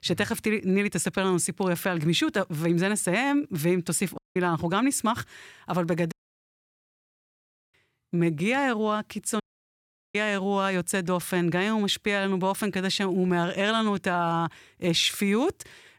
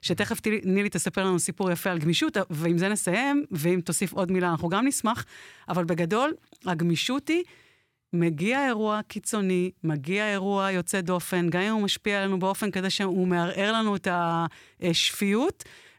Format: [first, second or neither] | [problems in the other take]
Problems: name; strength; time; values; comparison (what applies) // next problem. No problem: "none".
second | audio cutting out; at 4 s, at 6 s for 1.5 s and at 9.5 s for 0.5 s